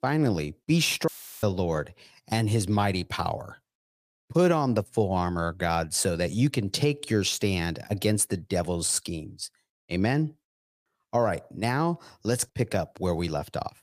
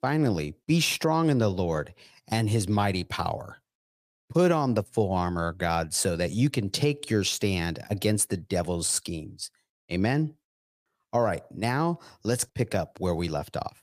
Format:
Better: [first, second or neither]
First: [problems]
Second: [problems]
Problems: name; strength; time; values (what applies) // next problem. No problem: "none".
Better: second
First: audio cutting out; filled with static; at 1 s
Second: none